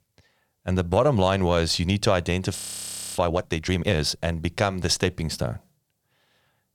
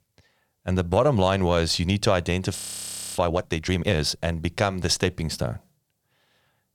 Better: neither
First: audio freezing; at 2.5 s for 0.5 s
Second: audio freezing; at 2.5 s for 0.5 s

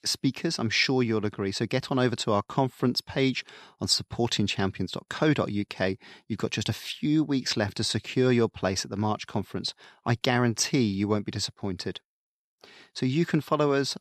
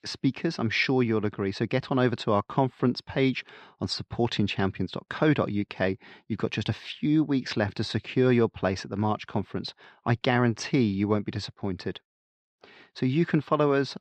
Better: first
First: none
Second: muffled; slightly; fading above 3 kHz

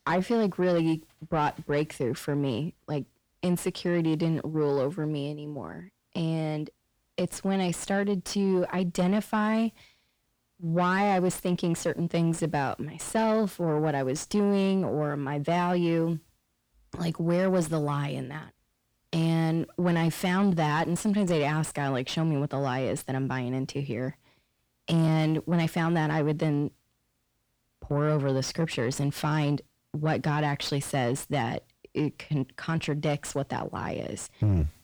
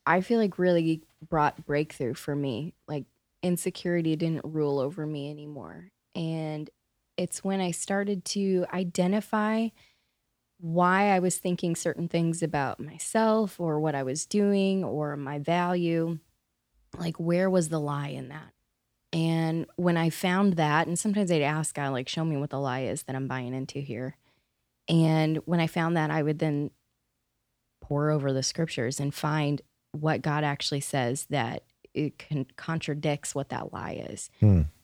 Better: second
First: distortion; slight; 10 dB below the speech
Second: none

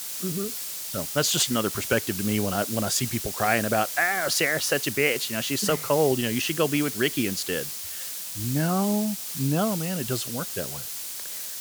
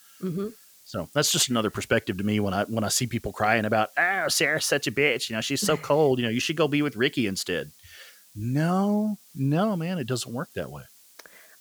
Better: second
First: hiss; loud; throughout; 5 dB below the speech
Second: hiss; faint; throughout; 25 dB below the speech

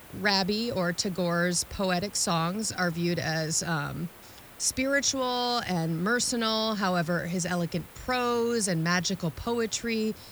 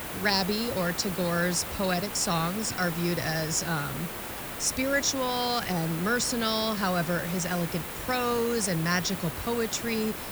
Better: first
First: hiss; faint; throughout; 20 dB below the speech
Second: hiss; loud; throughout; 7 dB below the speech

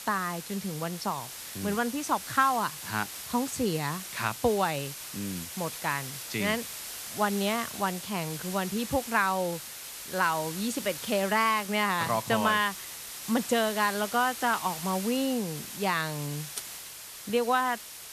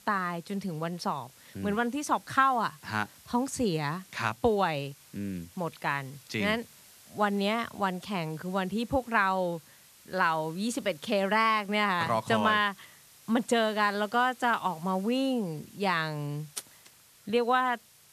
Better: second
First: hiss; loud; throughout; 8 dB below the speech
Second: hiss; faint; throughout; 25 dB below the speech

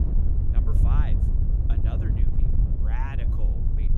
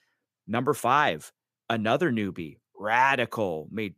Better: second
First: wind noise on the microphone; heavy; 1 dB above the speech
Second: none

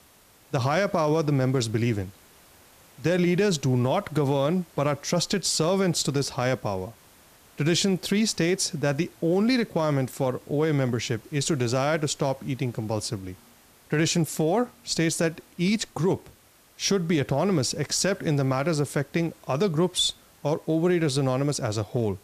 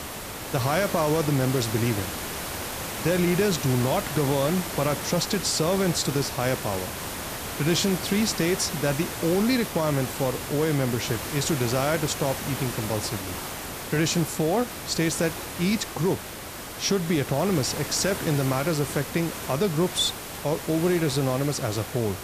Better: first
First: hiss; faint; throughout; 30 dB below the speech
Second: hiss; loud; throughout; 7 dB below the speech

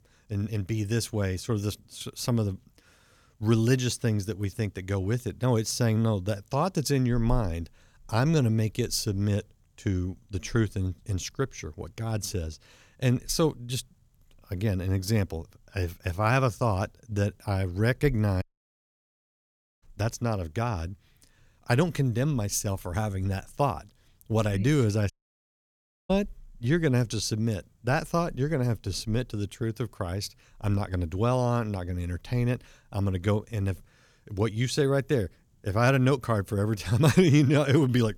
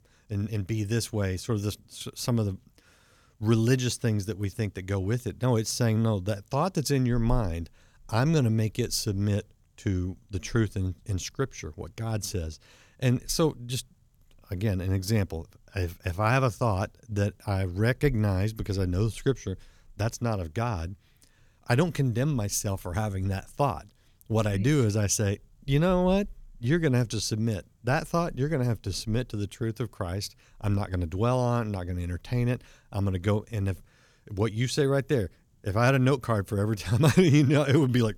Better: second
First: audio cutting out; at 18 s for 1.5 s and at 25 s for 1 s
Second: none

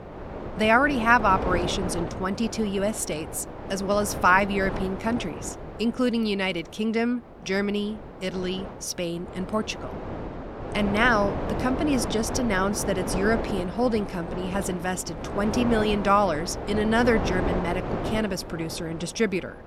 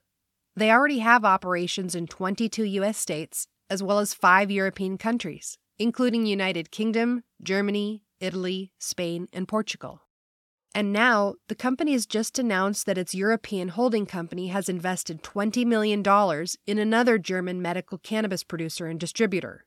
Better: second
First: wind noise on the microphone; heavy; 8 dB below the speech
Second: none

